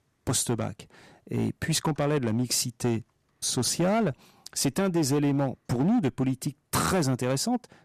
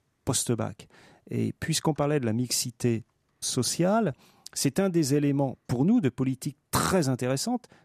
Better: second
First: distortion; slight; 9% of the sound clipped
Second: none

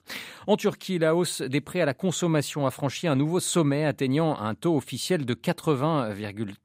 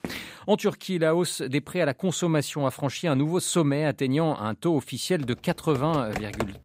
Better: first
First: none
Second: footsteps; faint; at the start; peak 15 dB below the speech // keyboard typing; noticeable; from 5 s on; peak 7 dB below the speech

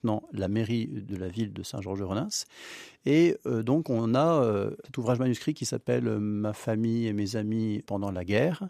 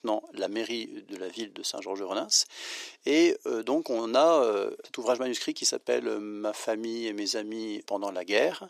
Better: first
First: none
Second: thin; somewhat; fading below 350 Hz

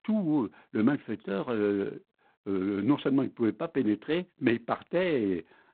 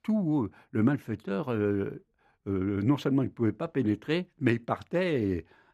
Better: second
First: phone-call audio; poor line; nothing above 4 kHz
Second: none

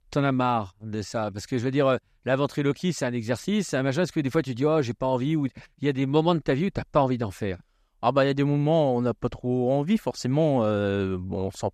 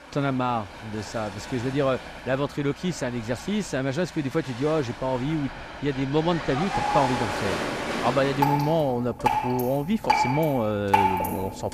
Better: first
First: none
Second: rain or running water; loud; throughout; 2 dB below the speech

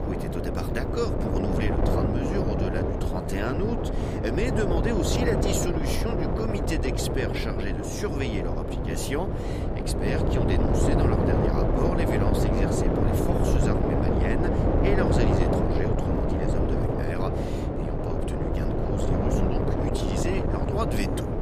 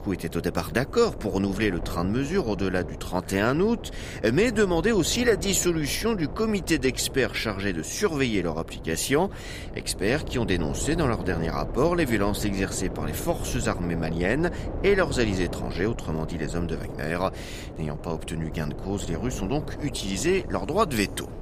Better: second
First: wind noise on the microphone; heavy; 4 dB above the speech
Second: wind noise on the microphone; occasional gusts; 15 dB below the speech

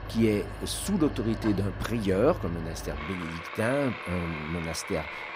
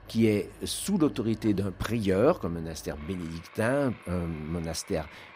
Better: second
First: machinery noise; loud; throughout; 8 dB below the speech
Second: machinery noise; faint; throughout; 20 dB below the speech

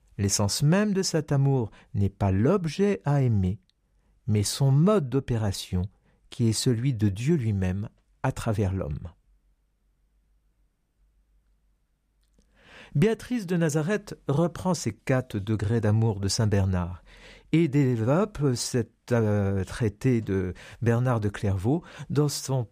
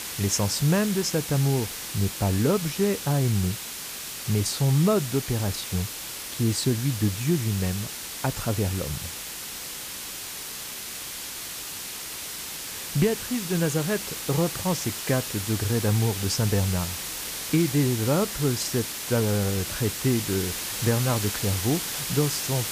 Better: first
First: none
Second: hiss; loud; throughout; 5 dB below the speech

